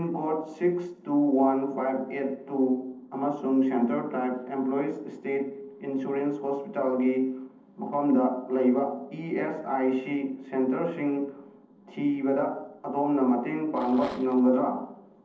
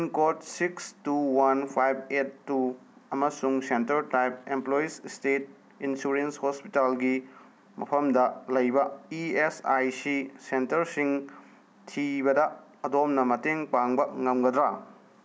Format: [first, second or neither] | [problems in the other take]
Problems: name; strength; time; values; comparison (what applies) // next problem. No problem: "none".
second | noise reduction (neural separator model SepFormer DNS4)